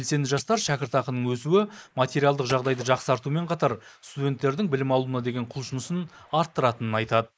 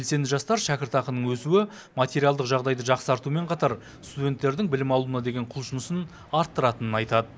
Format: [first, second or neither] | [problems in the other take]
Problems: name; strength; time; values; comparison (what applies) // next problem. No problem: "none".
second | noise reduction (neural mask model Resemble Enhance denoiser)